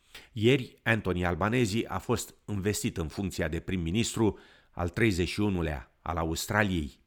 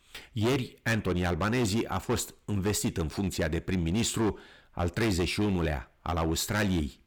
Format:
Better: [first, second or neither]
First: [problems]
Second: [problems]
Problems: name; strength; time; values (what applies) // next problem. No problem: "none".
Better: first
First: none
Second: distortion; heavy; 12% of the sound clipped